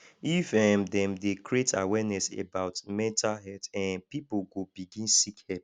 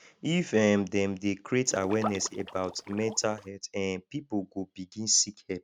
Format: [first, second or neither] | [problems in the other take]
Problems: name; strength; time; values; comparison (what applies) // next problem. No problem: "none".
first | noise reduction (neural mask model RNNoise)